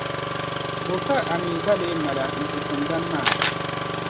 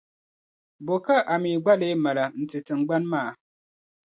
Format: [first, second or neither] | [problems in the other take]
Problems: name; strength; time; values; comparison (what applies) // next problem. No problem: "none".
second | background sound (Engine starting + Camera); 1 dB above the speech